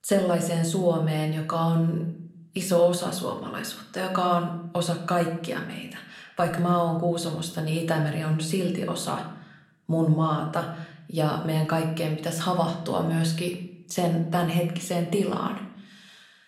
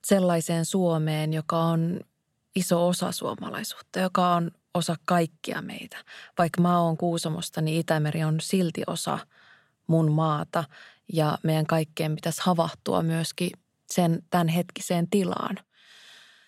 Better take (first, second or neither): second